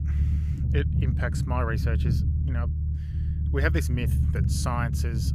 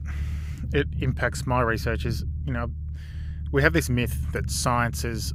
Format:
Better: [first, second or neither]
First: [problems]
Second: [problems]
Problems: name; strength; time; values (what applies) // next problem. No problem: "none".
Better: second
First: low rumble; loud; throughout; 7 dB below the speech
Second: low rumble; faint; throughout; 20 dB below the speech